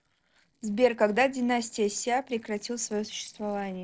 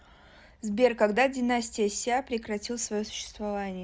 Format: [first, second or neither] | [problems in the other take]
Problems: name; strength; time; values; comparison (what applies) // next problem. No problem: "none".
second | noise reduction (neural separator model SepFormer DNS4)